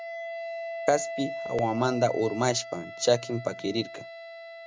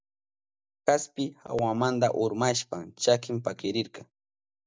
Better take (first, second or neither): second